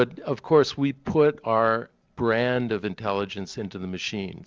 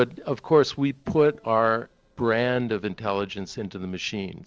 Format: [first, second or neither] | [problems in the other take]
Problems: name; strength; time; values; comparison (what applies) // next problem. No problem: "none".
first | noise reduction (neural separator model SepFormer DNS4)